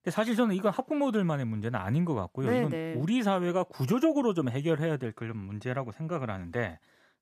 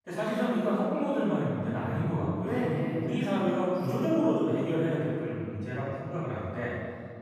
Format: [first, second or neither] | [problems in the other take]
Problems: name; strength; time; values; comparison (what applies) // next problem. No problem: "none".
first | room echo; strong; dies away in 2 s // off-mic speech; far